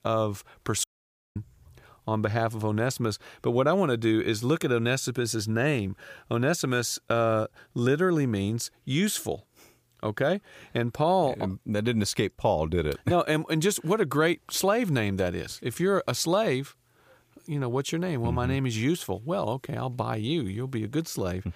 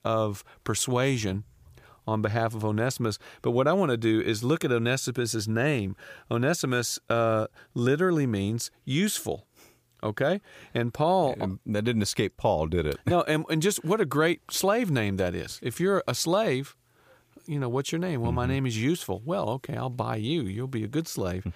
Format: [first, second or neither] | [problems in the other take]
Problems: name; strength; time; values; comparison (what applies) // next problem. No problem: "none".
second | audio cutting out; at 1 s for 0.5 s